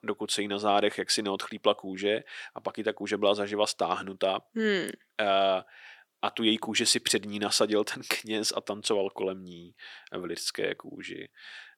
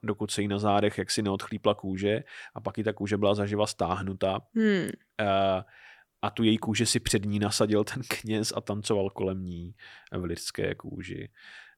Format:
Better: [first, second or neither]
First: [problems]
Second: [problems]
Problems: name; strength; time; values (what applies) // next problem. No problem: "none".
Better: second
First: thin; very slightly; fading below 300 Hz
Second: none